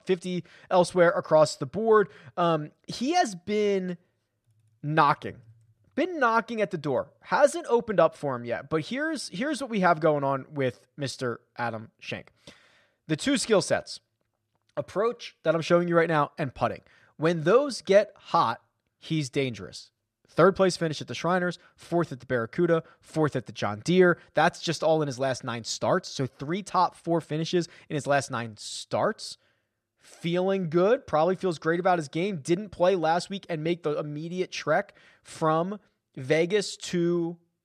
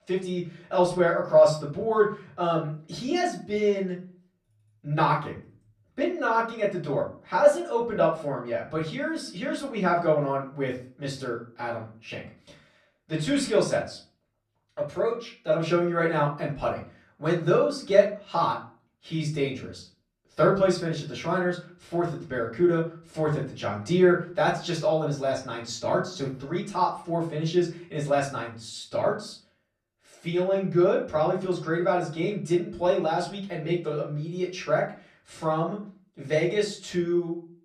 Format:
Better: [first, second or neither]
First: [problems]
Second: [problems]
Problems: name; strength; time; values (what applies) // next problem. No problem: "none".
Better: first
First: none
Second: room echo; slight; dies away in 0.3 s // off-mic speech; far